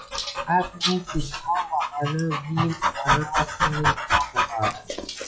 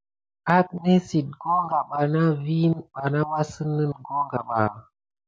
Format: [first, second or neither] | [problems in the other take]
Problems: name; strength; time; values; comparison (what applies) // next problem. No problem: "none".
second | noise reduction (classical method WPE with log-MMSE)